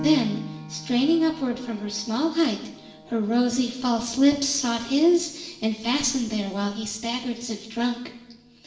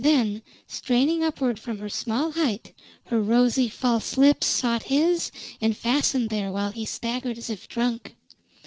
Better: second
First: background sound (Piano); 18 dB below the speech // room echo; dies away in 1.1 s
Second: none

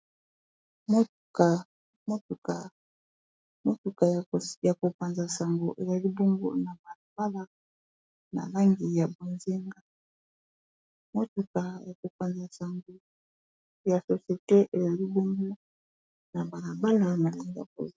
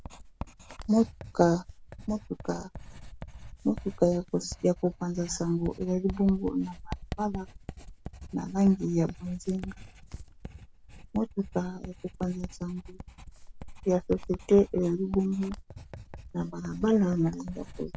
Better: first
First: none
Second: background sound (Writing); 13 dB below the speech

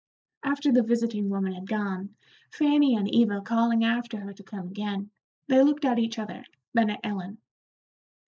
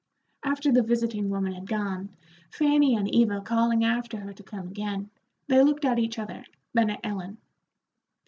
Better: second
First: noise reduction (neural mask model Resemble Enhance denoiser)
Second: none

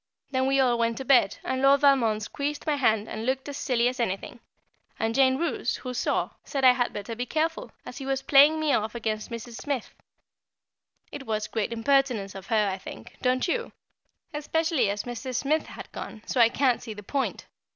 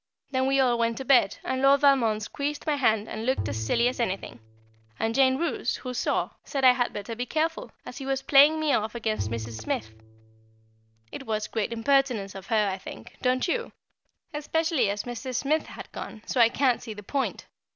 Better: first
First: none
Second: background sound (Bowed string instrument); 11 dB below the speech

